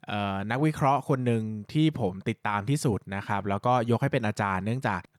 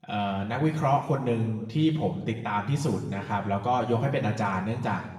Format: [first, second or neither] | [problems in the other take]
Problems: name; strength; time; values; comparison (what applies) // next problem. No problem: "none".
first | room echo; noticeable; dies away in 1 s // off-mic speech; far